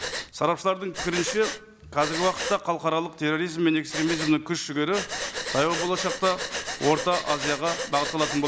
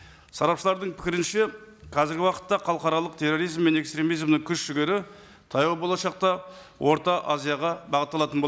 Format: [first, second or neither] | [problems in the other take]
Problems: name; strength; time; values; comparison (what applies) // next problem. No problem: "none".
second | background sound (Breathing); 7 dB below the speech